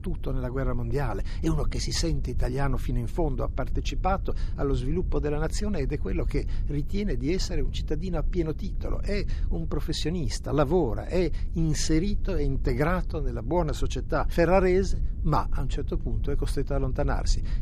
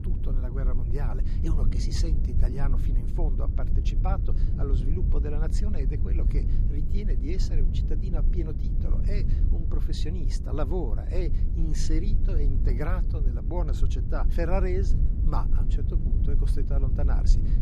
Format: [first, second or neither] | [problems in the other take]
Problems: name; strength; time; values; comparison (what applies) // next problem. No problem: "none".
first | low rumble; loud; throughout; 5 dB below the speech; faint in the first